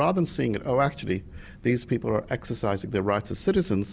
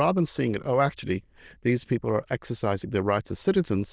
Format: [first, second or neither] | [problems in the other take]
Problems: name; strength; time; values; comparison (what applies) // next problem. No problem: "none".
first | noise reduction (neural diffusion model UNIVERSE++)